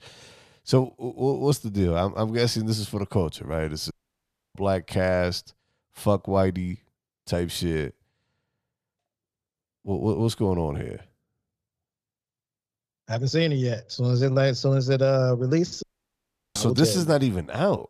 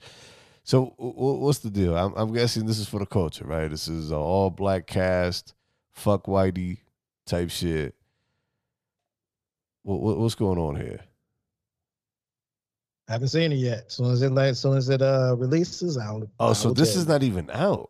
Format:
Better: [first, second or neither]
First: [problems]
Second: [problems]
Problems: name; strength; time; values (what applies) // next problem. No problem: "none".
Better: second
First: audio cutting out; at 4 s for 0.5 s and at 16 s for 0.5 s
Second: none